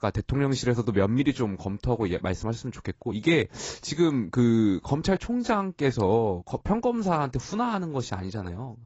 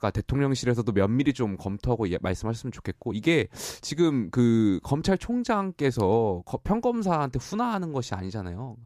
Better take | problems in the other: second | garbled, watery; badly; nothing above 7.5 kHz

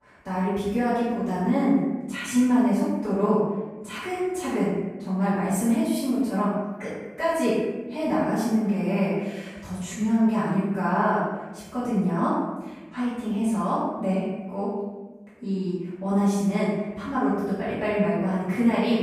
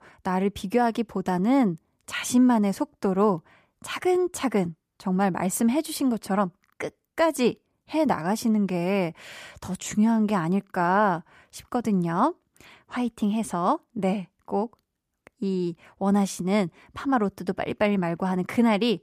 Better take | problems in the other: second | room echo; strong; dies away in 1.1 s // off-mic speech; far

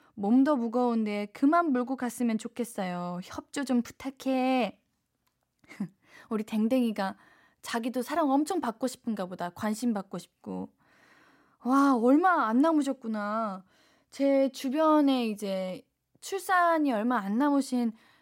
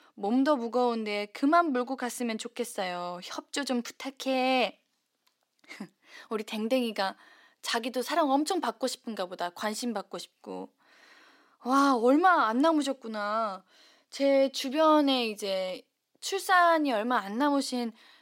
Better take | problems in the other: first | thin; very slightly; fading below 350 Hz

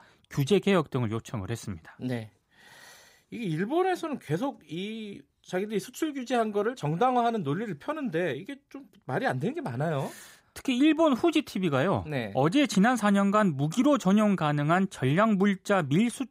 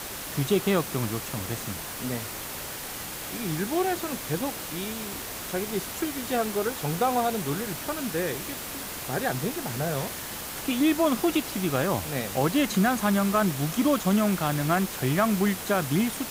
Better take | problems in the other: first | hiss; loud; throughout; 6 dB below the speech

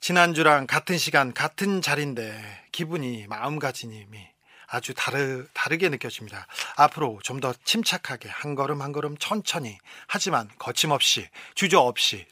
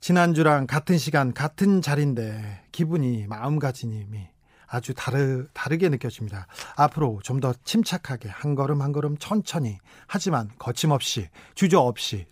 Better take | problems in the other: second | thin; somewhat; fading below 700 Hz

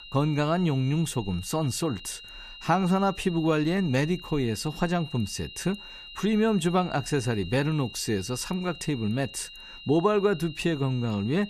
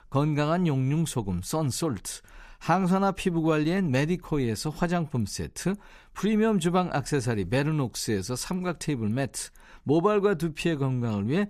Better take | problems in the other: second | high-pitched whine; noticeable; throughout; 3 kHz, 15 dB below the speech

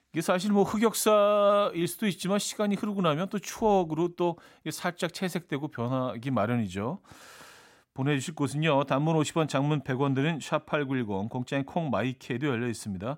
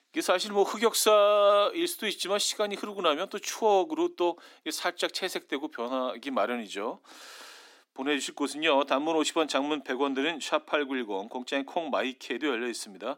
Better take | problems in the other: first | thin; somewhat; fading below 250 Hz

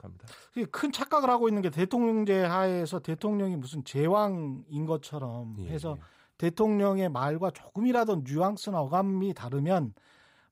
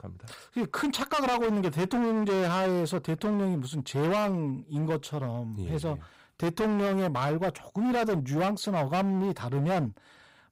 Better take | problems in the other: first | distortion; heavy; 22% of the sound clipped

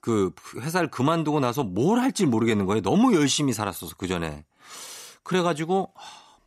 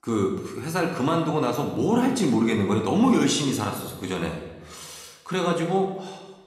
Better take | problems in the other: first | room echo; noticeable; dies away in 0.9 s

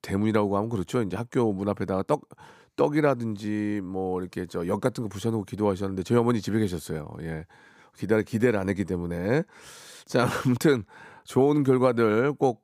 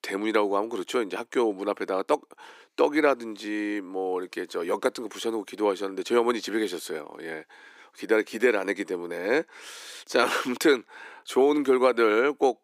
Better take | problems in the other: first | thin; somewhat; fading below 300 Hz

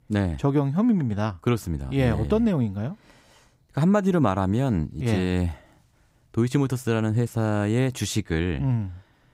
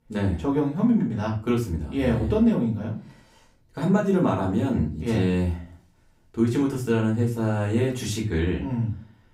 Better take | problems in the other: first | room echo; slight; dies away in 0.3 s // off-mic speech; far

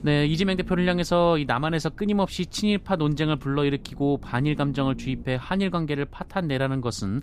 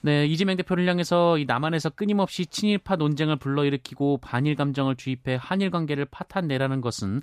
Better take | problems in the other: second | low rumble; faint; throughout; 25 dB below the speech

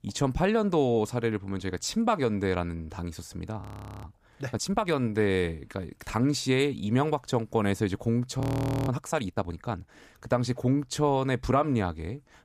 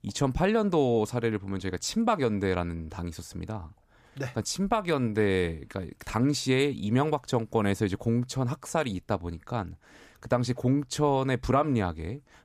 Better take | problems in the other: second | audio freezing; at 3.5 s and at 8.5 s

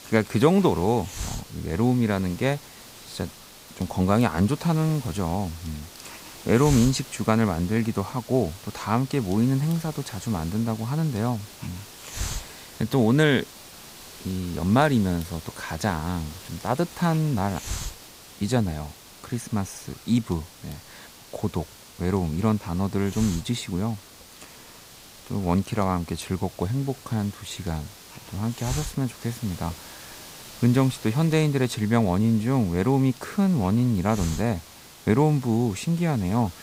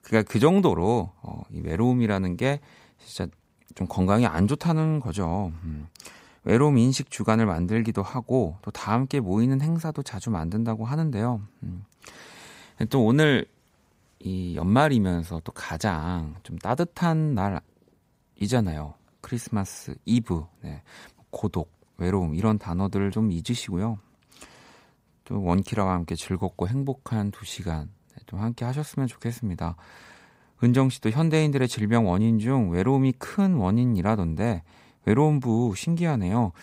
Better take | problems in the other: second | hiss; noticeable; throughout; 15 dB below the speech

